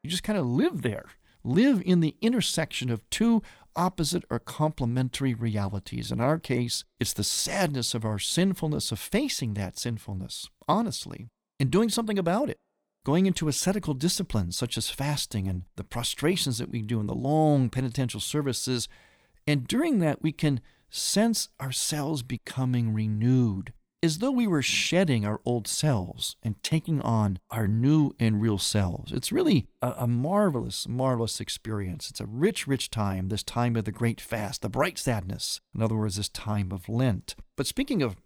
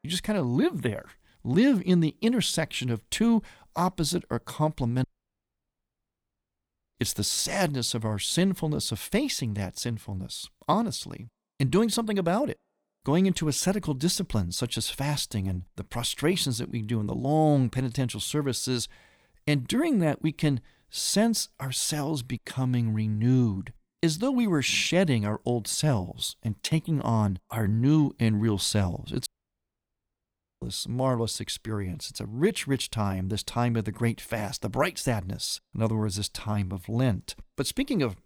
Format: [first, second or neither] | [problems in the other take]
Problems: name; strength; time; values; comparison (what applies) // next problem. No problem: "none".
first | audio cutting out; at 5 s for 2 s and at 29 s for 1.5 s